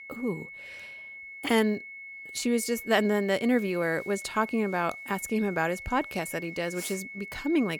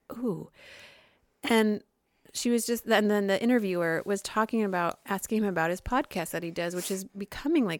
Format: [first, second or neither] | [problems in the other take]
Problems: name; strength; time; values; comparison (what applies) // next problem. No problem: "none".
second | high-pitched whine; noticeable; throughout; 2 kHz, 10 dB below the speech